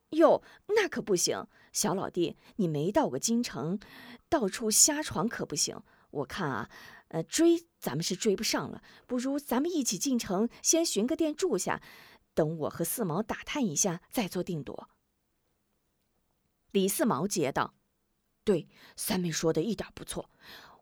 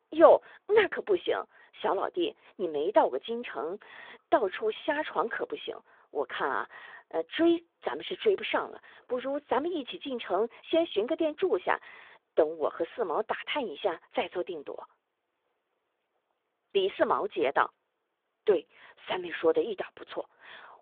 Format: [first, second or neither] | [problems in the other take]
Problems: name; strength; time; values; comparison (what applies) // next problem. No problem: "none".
first | phone-call audio